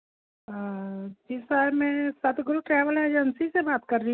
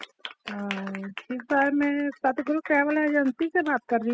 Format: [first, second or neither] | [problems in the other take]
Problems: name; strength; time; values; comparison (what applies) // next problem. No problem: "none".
first | noise reduction (classical method spectral subtraction)